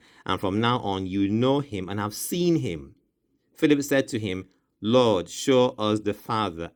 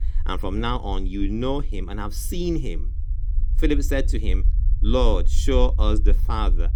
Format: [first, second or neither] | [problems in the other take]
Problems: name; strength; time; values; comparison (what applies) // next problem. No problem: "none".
first | low rumble; faint; throughout; 20 dB below the speech